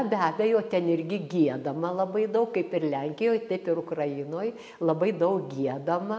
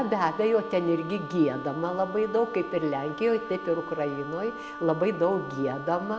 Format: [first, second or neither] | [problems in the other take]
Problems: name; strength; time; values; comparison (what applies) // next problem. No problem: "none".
first | background sound (Wind instrument, woodwind instrument); 12 dB below the speech